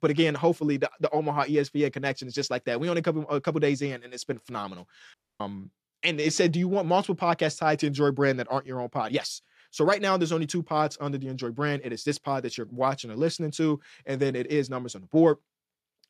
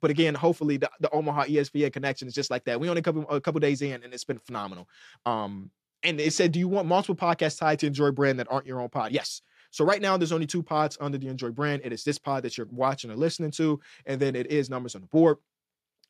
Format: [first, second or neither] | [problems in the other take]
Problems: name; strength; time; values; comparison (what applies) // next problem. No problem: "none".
second | audio cutting out; at 5 s